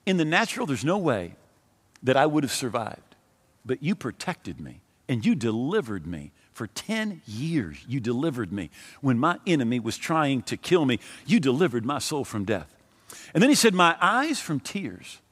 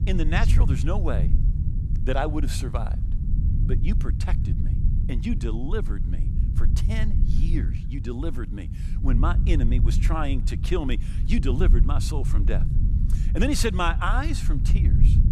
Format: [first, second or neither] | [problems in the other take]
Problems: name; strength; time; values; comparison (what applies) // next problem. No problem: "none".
first | low rumble; loud; throughout; 9 dB below the speech